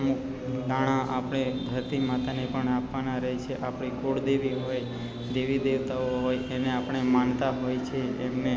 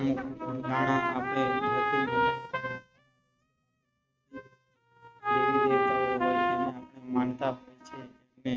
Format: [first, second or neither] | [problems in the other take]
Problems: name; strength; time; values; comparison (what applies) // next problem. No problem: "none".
first | noise reduction (neural mask model RNNoise)